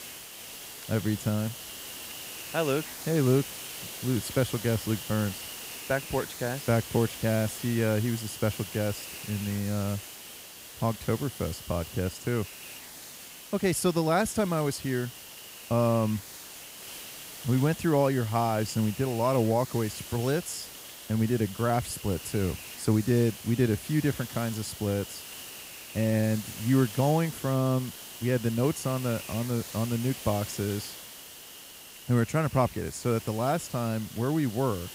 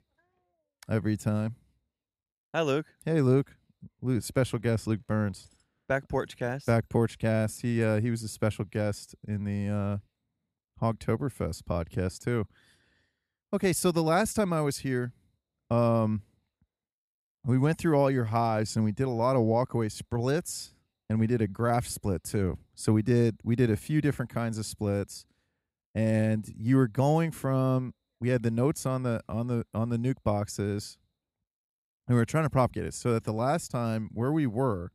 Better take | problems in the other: second | hiss; noticeable; throughout; 10 dB below the speech

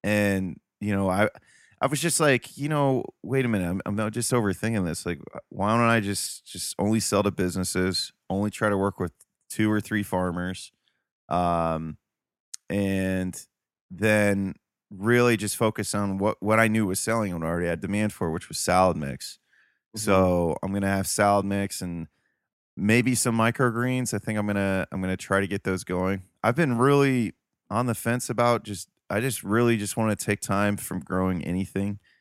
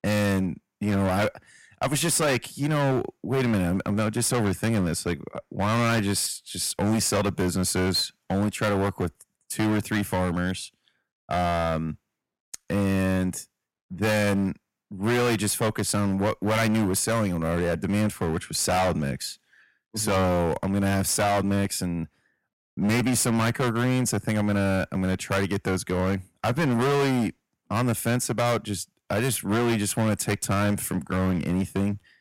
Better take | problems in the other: first | distortion; heavy; 17% of the sound clipped

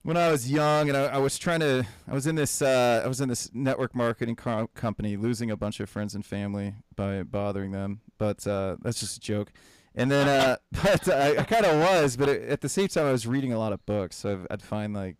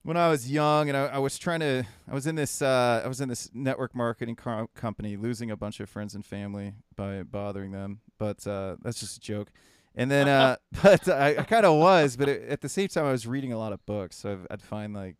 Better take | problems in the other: second | distortion; heavy; 9% of the sound clipped

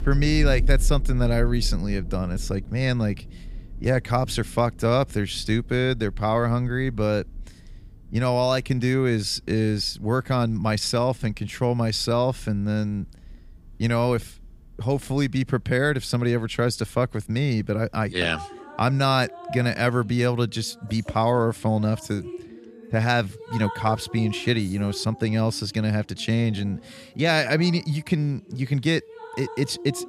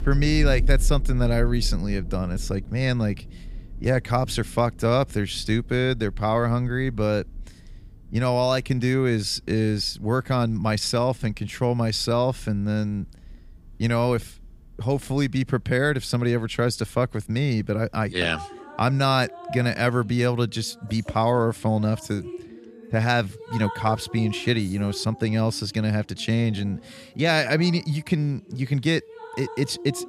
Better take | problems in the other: neither | rain or running water; noticeable; throughout; 10 dB below the speech; the same in both

